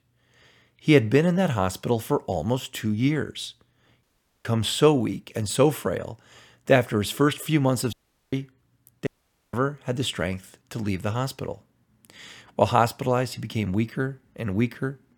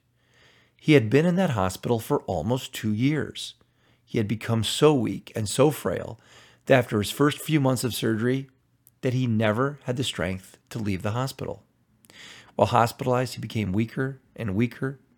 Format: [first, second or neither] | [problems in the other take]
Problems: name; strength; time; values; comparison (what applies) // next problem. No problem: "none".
second | audio cutting out; at 4 s, at 8 s and at 9 s